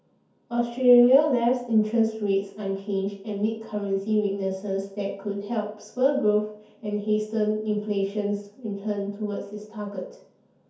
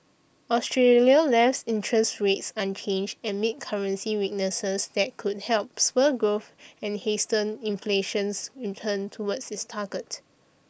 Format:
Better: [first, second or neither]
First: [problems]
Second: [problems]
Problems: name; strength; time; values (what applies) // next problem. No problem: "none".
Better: second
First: room echo; dies away in 0.6 s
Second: none